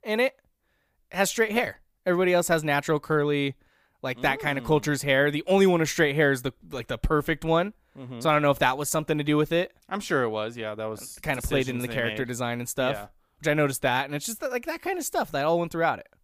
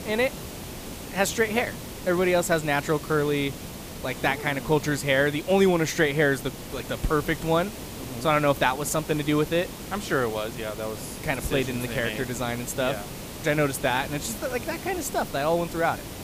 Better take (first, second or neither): first